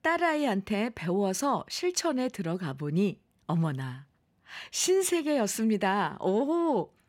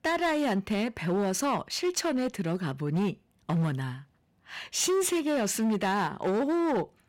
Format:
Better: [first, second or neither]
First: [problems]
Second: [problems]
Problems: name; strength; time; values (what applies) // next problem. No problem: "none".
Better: first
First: none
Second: distortion; slight; 14% of the sound clipped